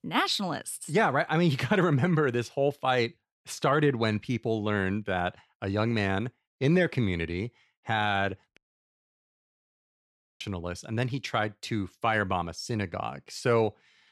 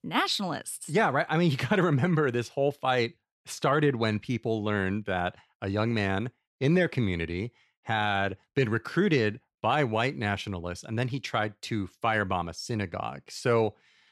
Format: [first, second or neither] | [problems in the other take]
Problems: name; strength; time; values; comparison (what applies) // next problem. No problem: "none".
second | audio cutting out; at 8.5 s for 2 s